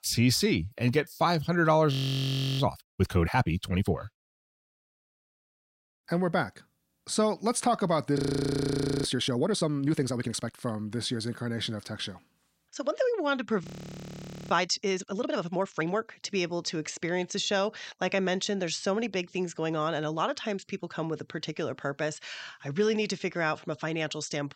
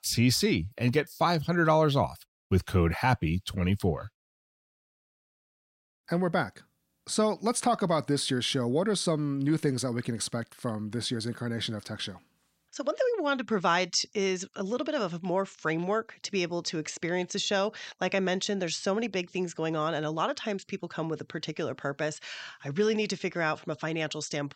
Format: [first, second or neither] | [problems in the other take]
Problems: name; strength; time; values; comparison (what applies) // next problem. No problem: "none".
second | audio freezing; at 2 s for 0.5 s, at 8 s for 1 s and at 14 s for 1 s